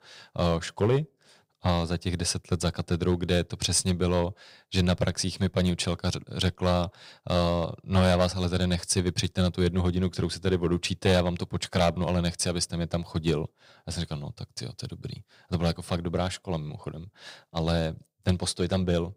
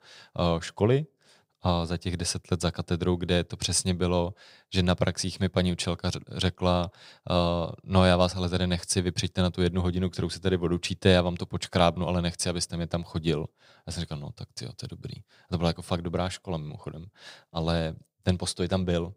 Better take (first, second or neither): second